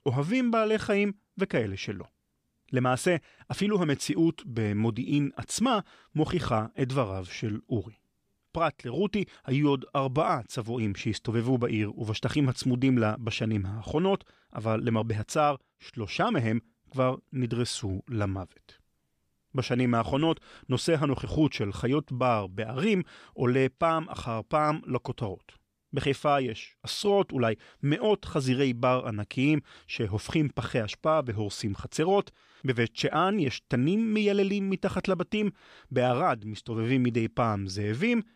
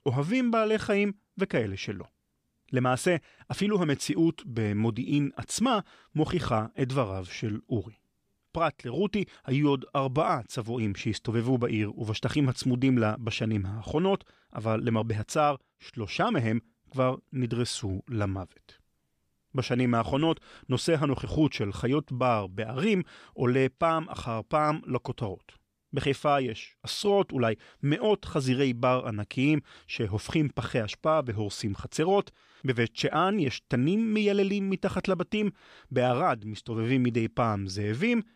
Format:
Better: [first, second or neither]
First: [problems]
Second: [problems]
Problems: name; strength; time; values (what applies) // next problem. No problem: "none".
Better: neither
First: none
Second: none